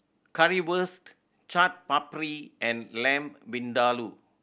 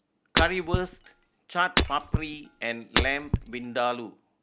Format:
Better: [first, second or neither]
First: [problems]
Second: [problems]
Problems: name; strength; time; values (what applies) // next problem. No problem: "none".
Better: first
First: none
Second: background sound (Shatter); 1 dB above the speech